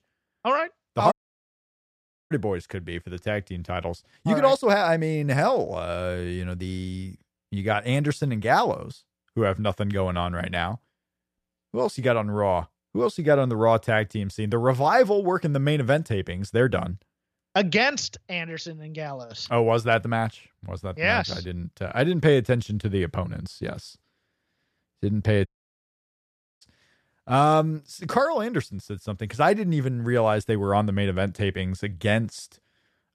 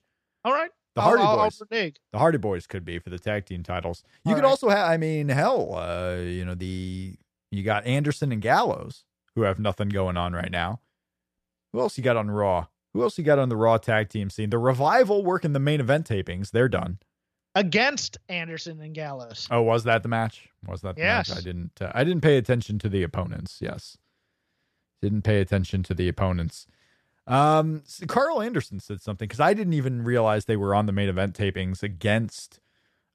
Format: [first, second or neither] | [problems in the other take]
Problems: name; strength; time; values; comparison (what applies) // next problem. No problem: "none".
second | audio cutting out; at 1 s for 1 s and at 25 s for 1 s